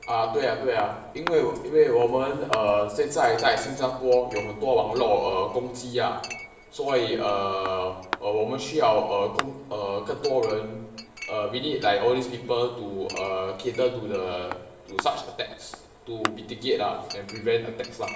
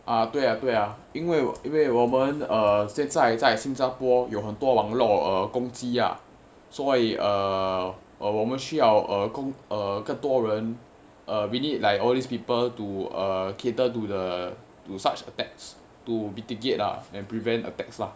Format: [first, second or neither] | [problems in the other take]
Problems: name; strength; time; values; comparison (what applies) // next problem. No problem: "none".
second | background sound (Chink, clink); 15 dB below the speech // room echo; dies away in 0.8 s